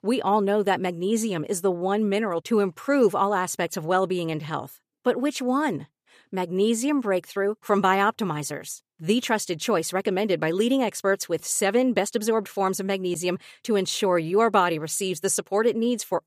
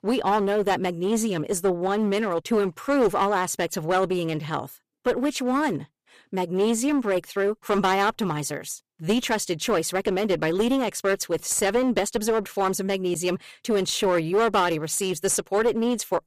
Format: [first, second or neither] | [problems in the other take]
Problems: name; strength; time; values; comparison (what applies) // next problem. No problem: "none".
first | distortion; slight; 9% of the sound clipped